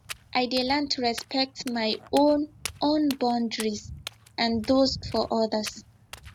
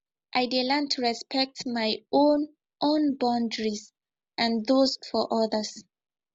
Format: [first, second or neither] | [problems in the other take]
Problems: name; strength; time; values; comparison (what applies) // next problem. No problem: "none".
second | background sound (Walk, footsteps); 16 dB below the speech